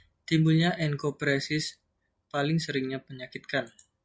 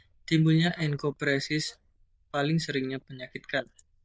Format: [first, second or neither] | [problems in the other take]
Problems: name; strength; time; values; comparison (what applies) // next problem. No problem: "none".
first | noise reduction (neural diffusion model UNIVERSE++)